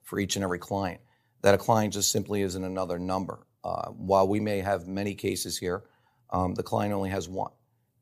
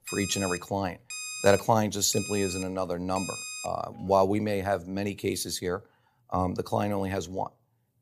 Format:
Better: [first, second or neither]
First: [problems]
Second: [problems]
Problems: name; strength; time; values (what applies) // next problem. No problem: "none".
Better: first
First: none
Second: alarms or sirens; loud; until 4 s; 8 dB below the speech